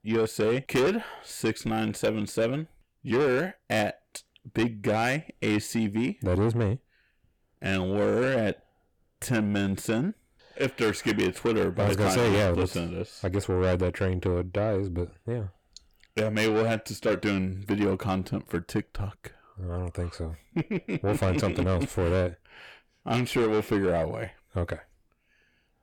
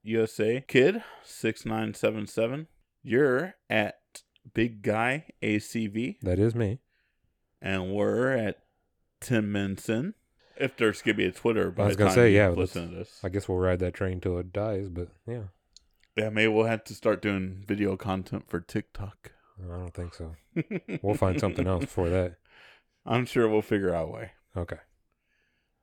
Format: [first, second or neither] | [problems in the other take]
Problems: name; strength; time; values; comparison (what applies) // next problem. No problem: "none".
second | distortion; heavy; 7 dB below the speech